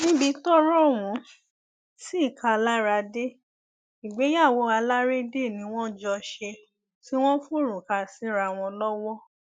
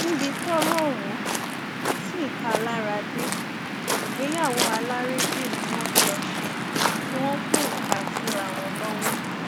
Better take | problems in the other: first | background sound (Waves, surf); 4 dB above the speech

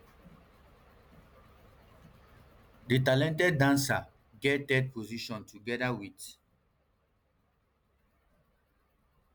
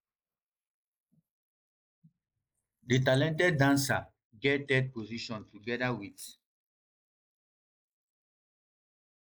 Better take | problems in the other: first | noise reduction (neural mask model Resemble Enhance denoiser)

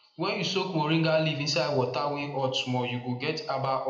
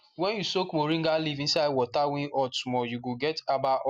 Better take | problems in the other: second | room echo; dies away in 0.7 s

